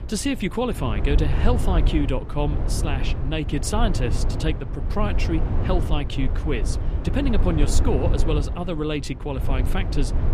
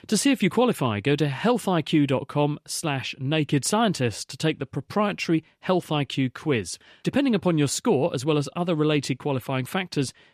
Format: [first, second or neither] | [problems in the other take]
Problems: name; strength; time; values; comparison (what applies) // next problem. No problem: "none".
second | low rumble; loud; throughout; 7 dB below the speech